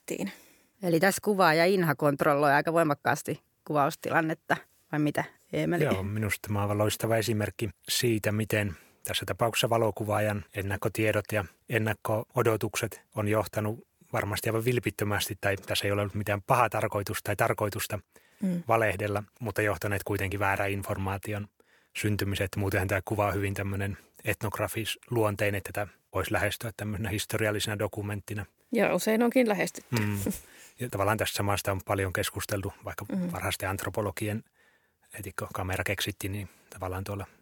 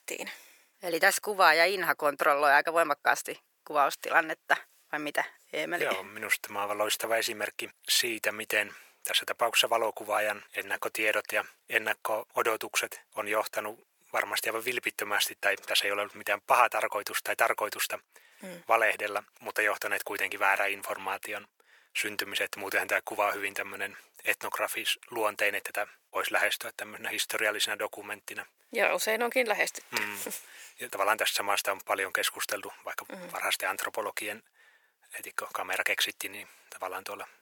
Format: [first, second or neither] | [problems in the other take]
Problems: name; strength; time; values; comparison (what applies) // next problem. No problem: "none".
first | thin; very; fading below 600 Hz